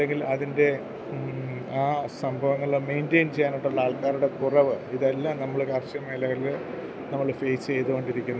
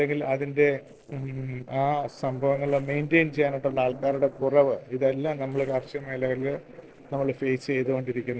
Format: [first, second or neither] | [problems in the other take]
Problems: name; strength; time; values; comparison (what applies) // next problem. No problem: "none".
first | noise reduction (neural separator model SepFormer DNS4)